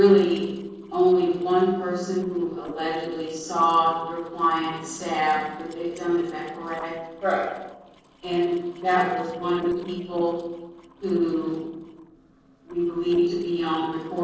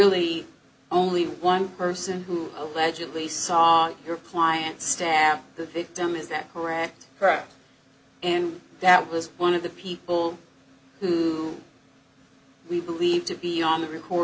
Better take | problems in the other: second | noise reduction (neural separator model SepFormer DNS4)

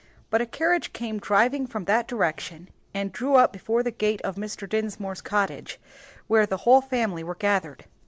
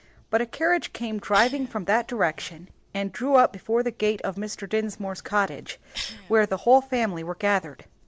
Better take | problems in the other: first | background sound (Cough); 18 dB below the speech

